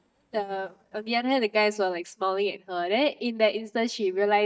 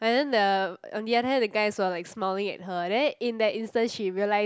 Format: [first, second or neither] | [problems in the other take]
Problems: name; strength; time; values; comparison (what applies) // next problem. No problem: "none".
second | noise reduction (neural mask model DeepFilterNet 3)